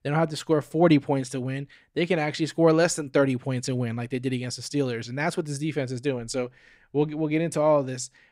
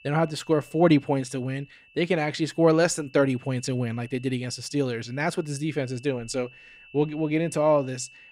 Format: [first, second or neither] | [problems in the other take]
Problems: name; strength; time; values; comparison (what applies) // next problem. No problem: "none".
first | high-pitched whine; faint; throughout; 2.5 kHz, 25 dB below the speech